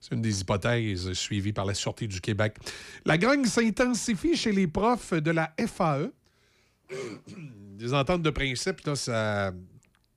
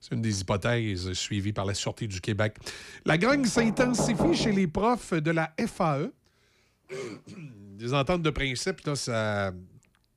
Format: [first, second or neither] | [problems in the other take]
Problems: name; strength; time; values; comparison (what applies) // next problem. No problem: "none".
first | door banging; noticeable; from 3.5 to 4.5 s; peak level with the speech